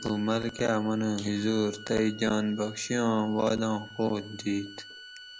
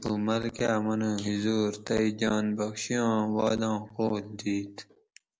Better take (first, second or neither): second